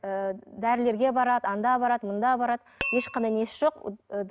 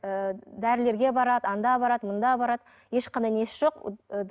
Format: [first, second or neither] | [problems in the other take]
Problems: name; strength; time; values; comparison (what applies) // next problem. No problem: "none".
second | background sound (Glass); 10 dB below the speech